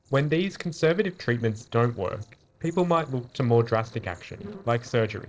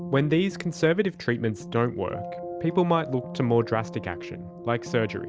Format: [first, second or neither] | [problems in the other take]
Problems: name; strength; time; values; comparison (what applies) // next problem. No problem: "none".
second | noise reduction (neural separator model SepFormer DNS4)